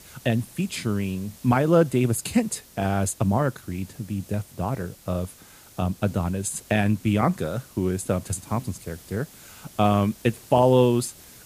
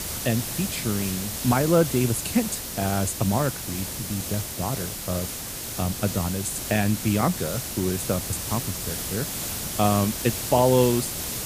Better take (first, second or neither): first